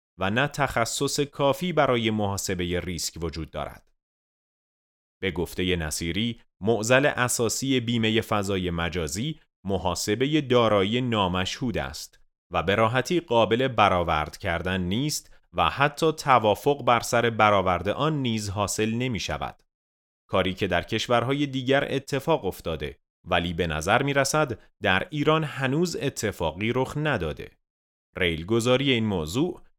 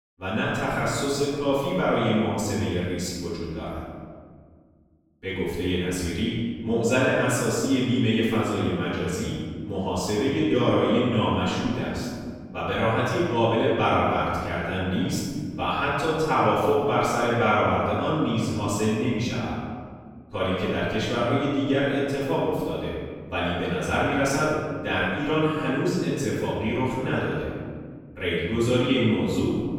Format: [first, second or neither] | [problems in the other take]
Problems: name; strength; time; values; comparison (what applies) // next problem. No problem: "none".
first | off-mic speech; far // room echo; strong; dies away in 1.9 s